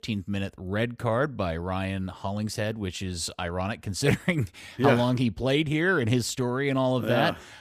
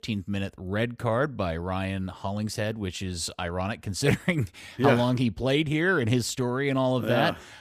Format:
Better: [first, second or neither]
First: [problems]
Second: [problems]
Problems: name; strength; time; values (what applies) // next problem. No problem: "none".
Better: neither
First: none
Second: none